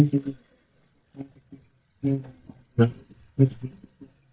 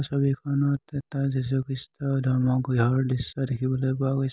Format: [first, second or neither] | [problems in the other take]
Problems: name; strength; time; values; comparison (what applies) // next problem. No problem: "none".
second | noise reduction (neural mask model DeepFilterNet 3)